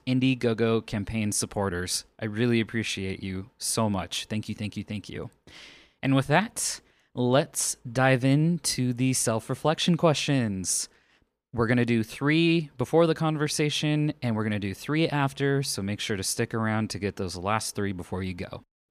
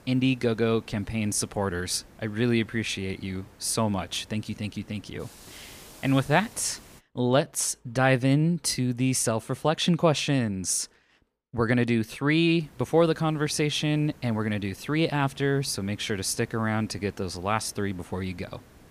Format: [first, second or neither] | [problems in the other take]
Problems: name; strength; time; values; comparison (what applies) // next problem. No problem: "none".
first | hiss; faint; until 7 s and from 13 s on; 25 dB below the speech